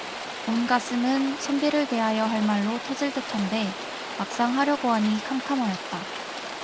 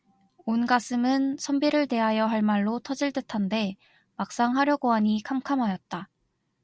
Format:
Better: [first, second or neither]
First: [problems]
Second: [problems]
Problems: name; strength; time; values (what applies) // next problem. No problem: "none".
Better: second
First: background sound (Rain); 8 dB below the speech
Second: none